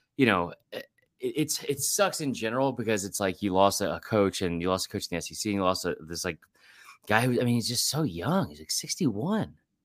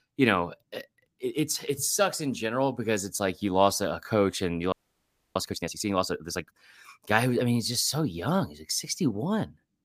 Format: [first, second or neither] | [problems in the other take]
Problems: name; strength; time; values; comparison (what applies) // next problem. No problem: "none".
first | audio freezing; at 4.5 s for 0.5 s